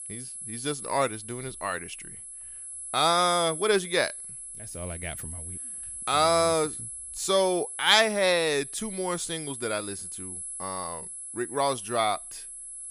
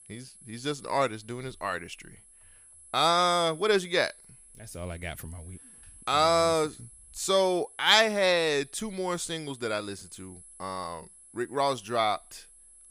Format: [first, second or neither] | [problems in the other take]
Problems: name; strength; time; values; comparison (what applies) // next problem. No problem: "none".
second | high-pitched whine; loud; throughout; 11 kHz, 10 dB below the speech; faint in the second